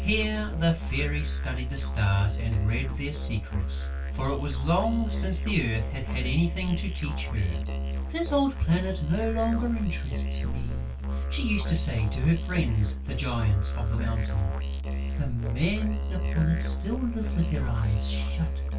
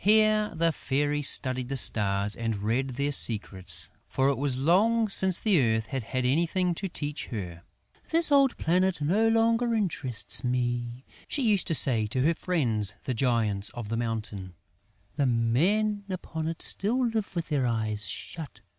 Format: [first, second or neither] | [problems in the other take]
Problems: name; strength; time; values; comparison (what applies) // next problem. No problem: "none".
second | background sound (Musical instrument); 1 dB below the speech // room echo; dies away in 0.2 s